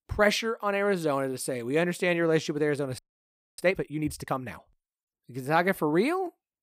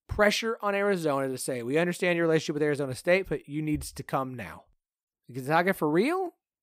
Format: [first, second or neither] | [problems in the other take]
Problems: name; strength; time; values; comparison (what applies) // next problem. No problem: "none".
second | audio freezing; at 3 s for 0.5 s